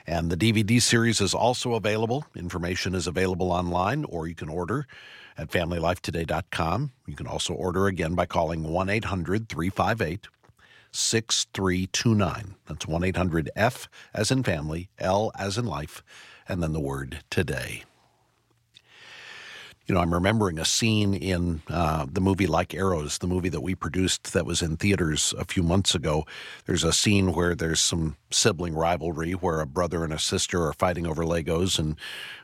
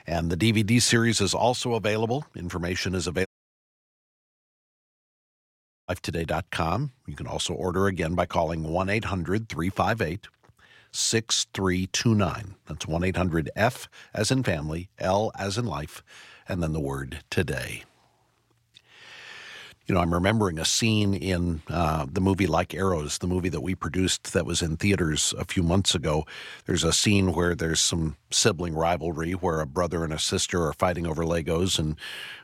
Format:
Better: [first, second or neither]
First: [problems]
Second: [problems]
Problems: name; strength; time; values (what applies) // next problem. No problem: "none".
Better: first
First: none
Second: audio cutting out; at 3.5 s for 2.5 s